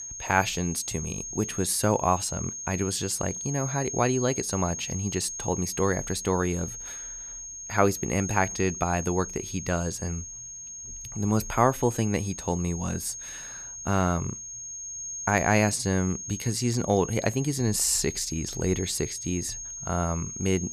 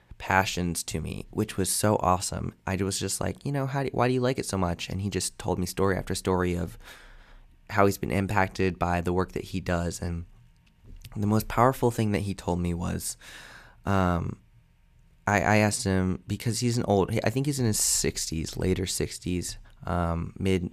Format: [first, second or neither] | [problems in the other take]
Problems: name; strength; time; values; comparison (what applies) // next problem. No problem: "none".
second | high-pitched whine; loud; throughout; 6.5 kHz, 7 dB below the speech